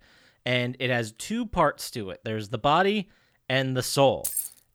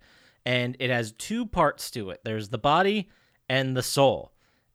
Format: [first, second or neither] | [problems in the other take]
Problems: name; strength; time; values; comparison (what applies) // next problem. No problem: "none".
second | jangling keys; noticeable; at 4 s; peak 3 dB below the speech